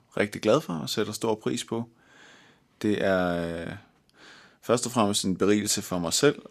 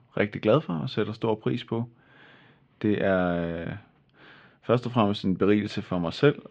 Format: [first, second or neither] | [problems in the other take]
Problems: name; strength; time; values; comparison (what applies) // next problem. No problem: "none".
first | muffled; very; fading above 3 kHz